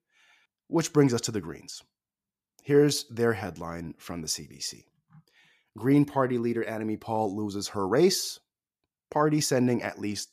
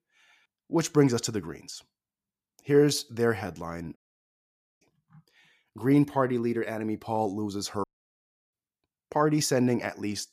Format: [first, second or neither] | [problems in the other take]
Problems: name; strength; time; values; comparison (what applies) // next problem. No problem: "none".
first | audio cutting out; at 4 s for 1 s and at 8 s for 0.5 s